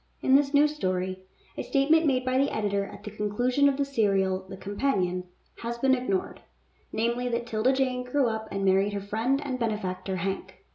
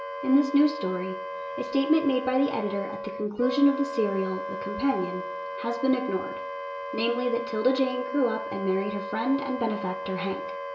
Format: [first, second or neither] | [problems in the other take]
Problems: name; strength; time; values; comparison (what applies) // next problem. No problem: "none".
first | background sound (Wind instrument, woodwind instrument); 7 dB below the speech // room echo; dies away in 0.6 s